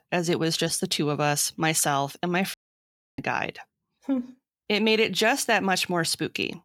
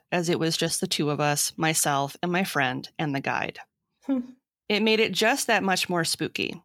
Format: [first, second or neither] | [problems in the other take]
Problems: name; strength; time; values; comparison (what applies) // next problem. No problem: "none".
second | audio cutting out; at 2.5 s for 0.5 s